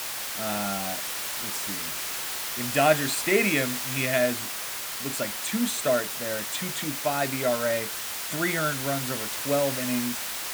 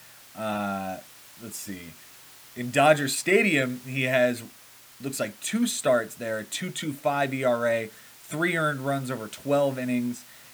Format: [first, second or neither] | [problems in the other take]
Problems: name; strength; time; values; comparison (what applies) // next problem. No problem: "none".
second | hiss; loud; throughout; 1 dB below the speech; faint in the second